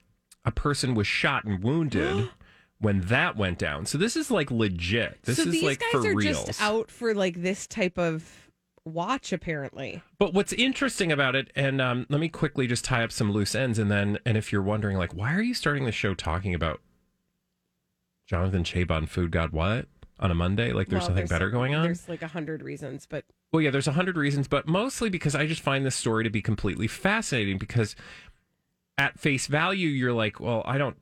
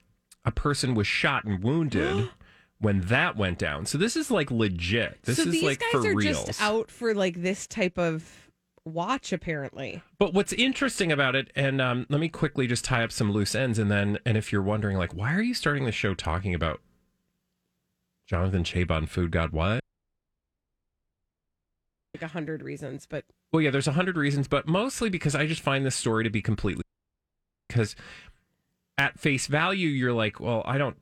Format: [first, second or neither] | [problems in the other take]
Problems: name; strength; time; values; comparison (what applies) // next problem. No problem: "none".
first | audio cutting out; at 20 s for 2.5 s and at 27 s for 1 s